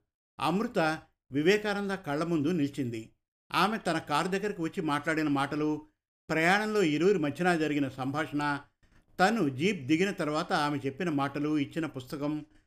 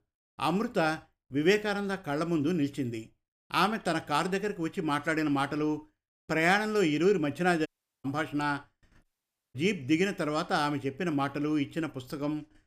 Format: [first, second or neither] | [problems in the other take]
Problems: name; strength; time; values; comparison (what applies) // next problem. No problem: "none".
first | audio cutting out; at 7.5 s and at 9 s for 0.5 s